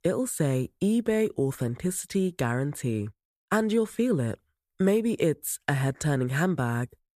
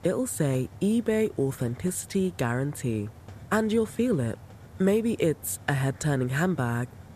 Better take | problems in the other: first | hiss; noticeable; throughout; 20 dB below the speech

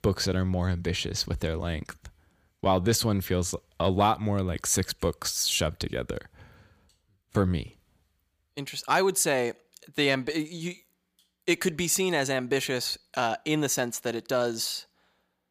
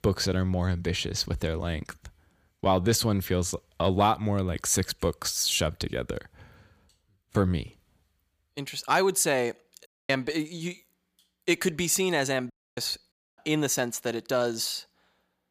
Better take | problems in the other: first | audio cutting out; at 10 s and at 13 s

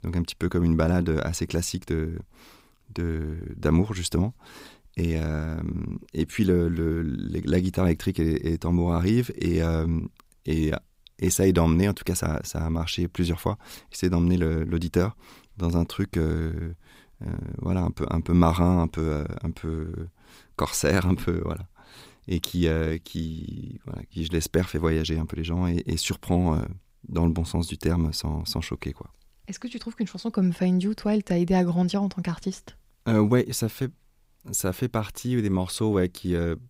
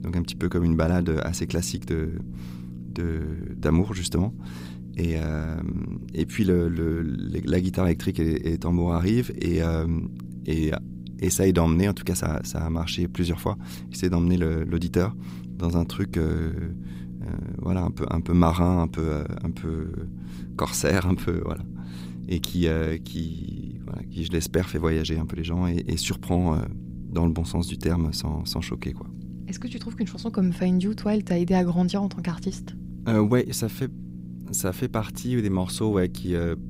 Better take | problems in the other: first | low rumble; noticeable; throughout; 15 dB below the speech

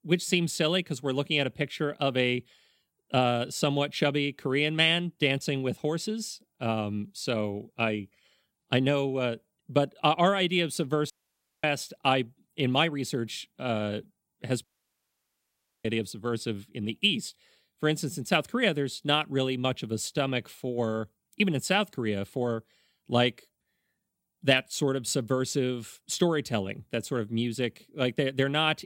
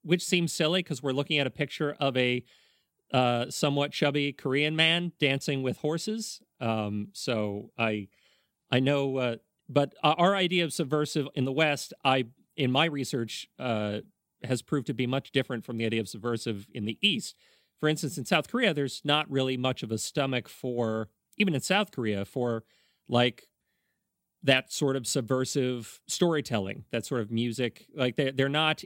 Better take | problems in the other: second | audio cutting out; at 11 s for 0.5 s and at 15 s for 1 s

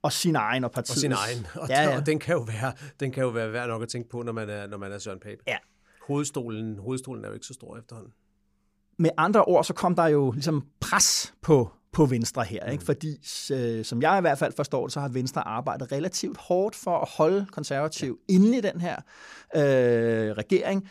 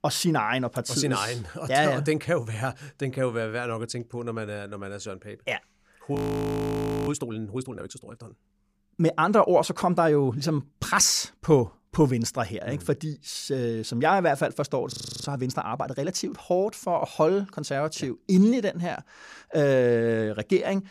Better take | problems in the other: first | audio freezing; at 6 s for 1 s and at 15 s

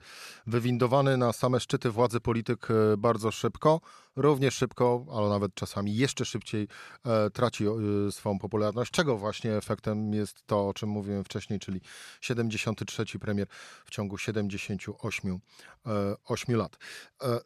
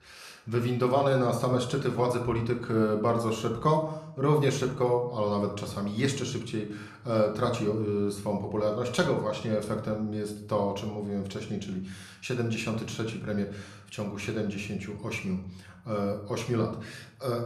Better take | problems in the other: first | room echo; slight; dies away in 0.5 s // off-mic speech; somewhat distant

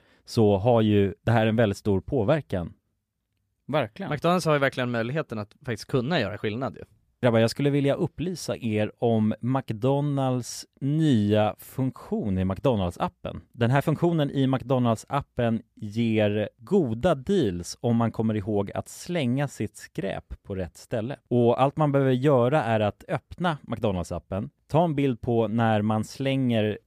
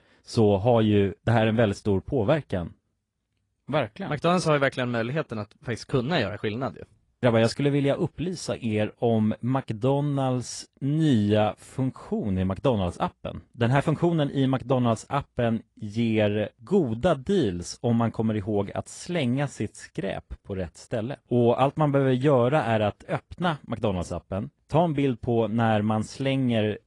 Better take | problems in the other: first | garbled, watery; slightly; nothing above 10 kHz

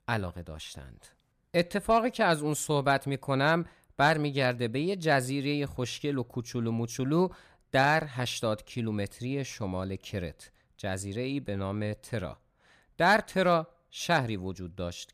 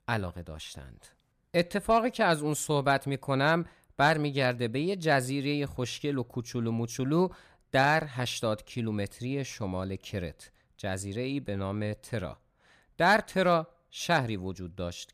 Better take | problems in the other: neither | none

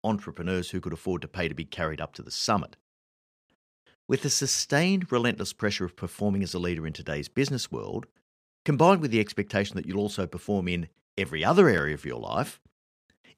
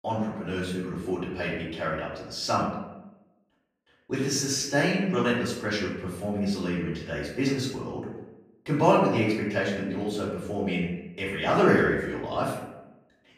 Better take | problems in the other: first | off-mic speech; far // room echo; noticeable; dies away in 0.8 s

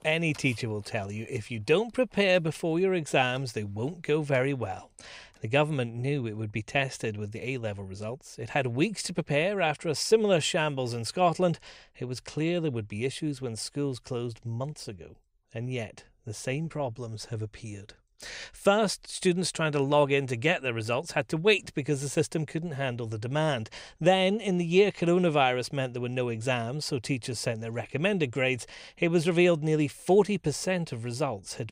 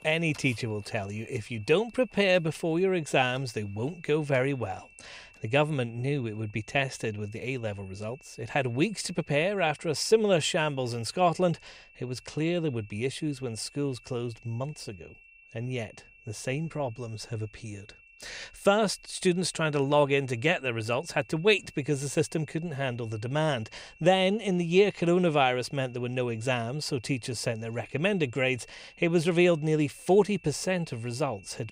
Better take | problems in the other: first | high-pitched whine; faint; throughout; 2.5 kHz, 25 dB below the speech

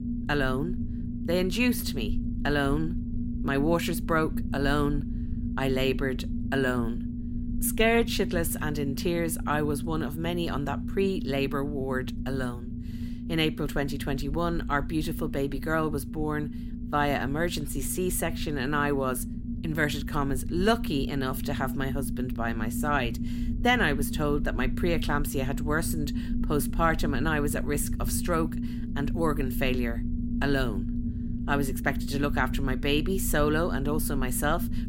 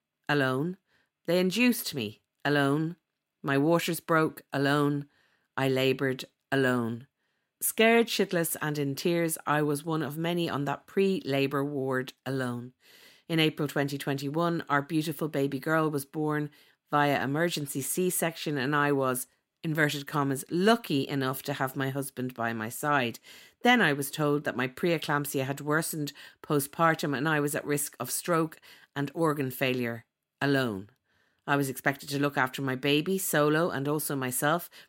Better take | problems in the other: second | low rumble; noticeable; throughout; 10 dB below the speech

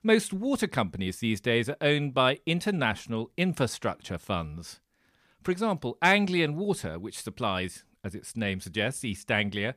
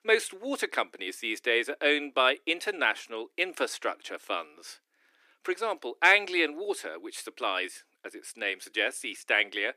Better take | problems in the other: first | thin; very; fading below 300 Hz

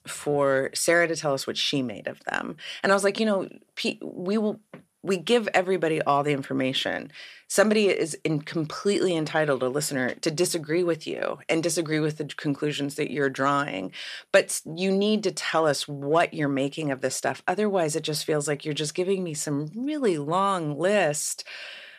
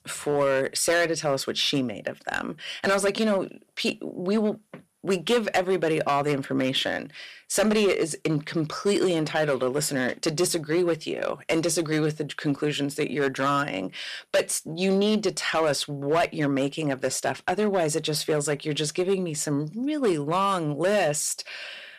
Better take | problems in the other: first | distortion; slight; 5% of the sound clipped

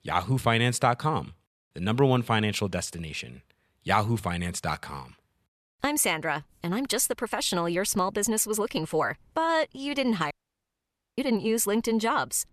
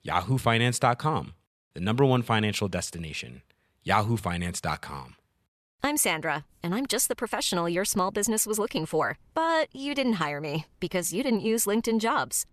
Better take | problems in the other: second | audio cutting out; at 10 s for 1 s

